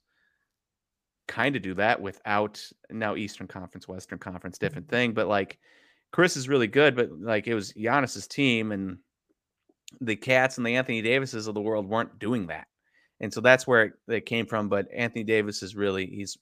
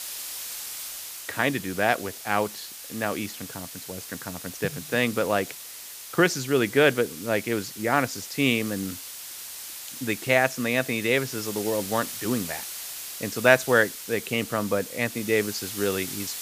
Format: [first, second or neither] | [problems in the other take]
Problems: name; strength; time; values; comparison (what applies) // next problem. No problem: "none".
first | hiss; loud; throughout; 10 dB below the speech